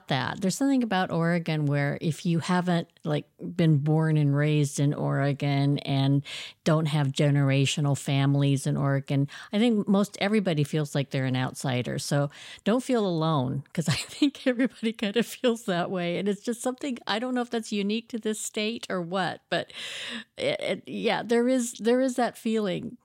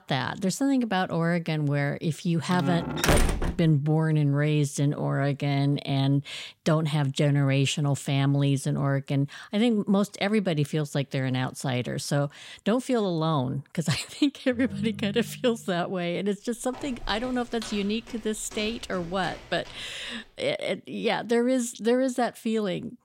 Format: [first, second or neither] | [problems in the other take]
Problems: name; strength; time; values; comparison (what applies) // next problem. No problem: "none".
first | door banging; loud; from 2.5 to 3.5 s; peak 3 dB above the speech // phone ringing; noticeable; from 15 to 16 s; peak 8 dB below the speech // footsteps; faint; from 17 to 20 s; peak 15 dB below the speech